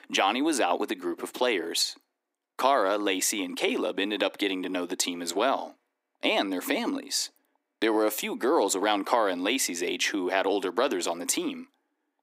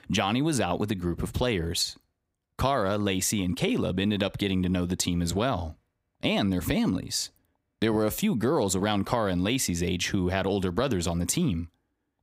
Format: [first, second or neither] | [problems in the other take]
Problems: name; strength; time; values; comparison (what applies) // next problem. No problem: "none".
second | thin; somewhat; fading below 300 Hz